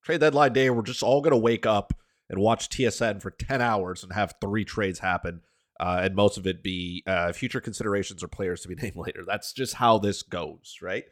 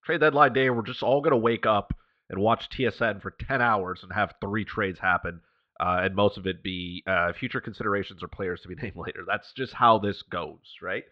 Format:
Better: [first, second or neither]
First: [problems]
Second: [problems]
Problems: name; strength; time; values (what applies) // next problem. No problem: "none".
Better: first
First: none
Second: muffled; very; fading above 4 kHz